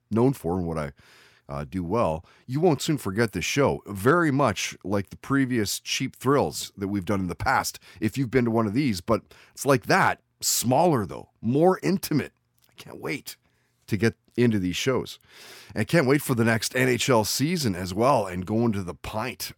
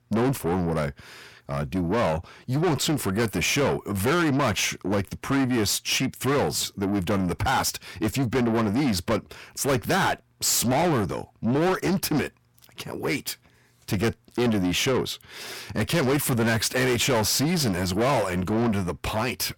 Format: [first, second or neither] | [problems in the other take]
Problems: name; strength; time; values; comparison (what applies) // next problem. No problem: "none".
first | distortion; heavy; 6 dB below the speech